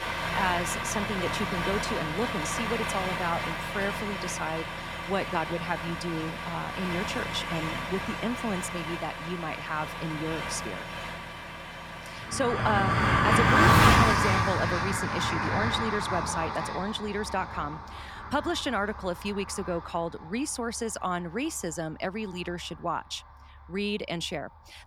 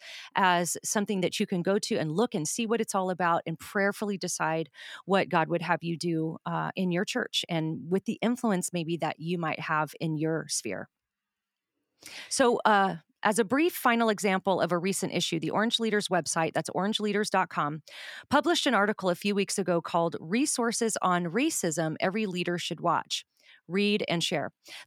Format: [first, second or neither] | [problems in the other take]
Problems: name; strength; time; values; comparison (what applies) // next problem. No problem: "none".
second | traffic noise; very loud; throughout; 4 dB above the speech